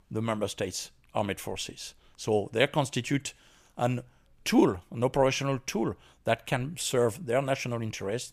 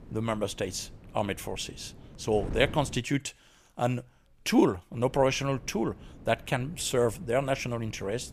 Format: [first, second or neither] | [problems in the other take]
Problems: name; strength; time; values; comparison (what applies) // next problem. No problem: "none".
first | wind noise on the microphone; occasional gusts; until 3 s and from 5 s on; 20 dB below the speech